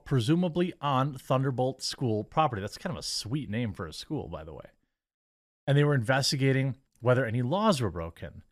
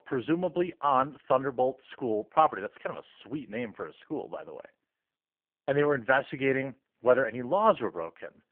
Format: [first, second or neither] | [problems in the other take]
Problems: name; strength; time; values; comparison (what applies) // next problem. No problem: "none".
first | phone-call audio; poor line